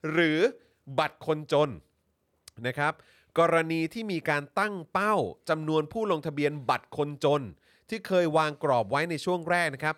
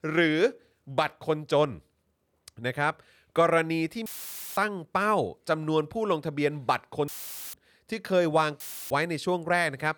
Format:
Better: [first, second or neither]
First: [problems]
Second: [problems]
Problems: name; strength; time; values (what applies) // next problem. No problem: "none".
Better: first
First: none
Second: audio cutting out; filled with static; at 4 s for 0.5 s, at 7 s and at 8.5 s